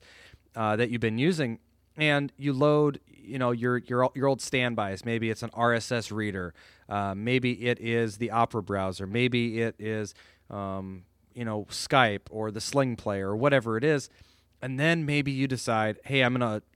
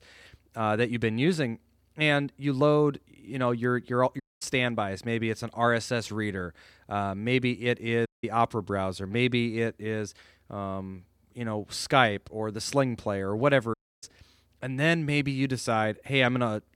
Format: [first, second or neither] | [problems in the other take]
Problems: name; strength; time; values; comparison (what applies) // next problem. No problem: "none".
first | audio cutting out; at 4 s, at 8 s and at 14 s